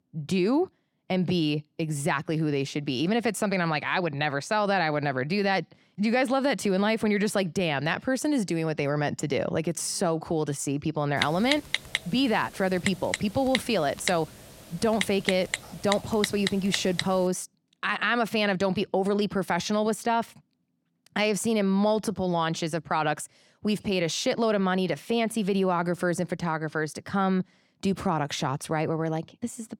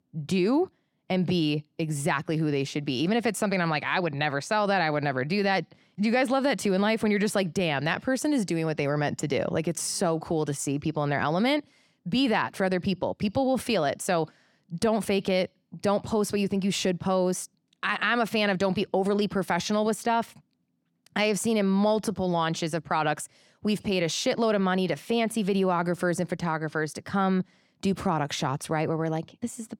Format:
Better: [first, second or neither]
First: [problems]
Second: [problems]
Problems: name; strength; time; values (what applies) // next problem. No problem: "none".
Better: second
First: keyboard typing; noticeable; from 11 to 17 s; peak 2 dB below the speech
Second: none